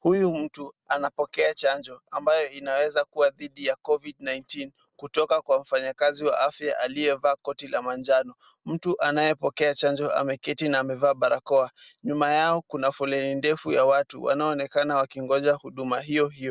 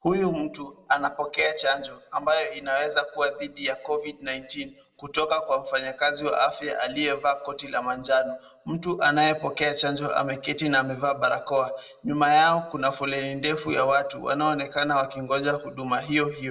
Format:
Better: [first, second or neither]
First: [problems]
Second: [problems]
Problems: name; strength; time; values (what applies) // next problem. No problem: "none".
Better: first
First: none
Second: room echo; dies away in 0.6 s